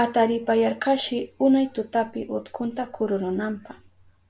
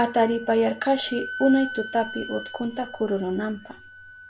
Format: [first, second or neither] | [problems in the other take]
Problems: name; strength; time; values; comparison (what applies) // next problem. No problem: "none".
first | background sound (Wind instrument, woodwind instrument); 13 dB below the speech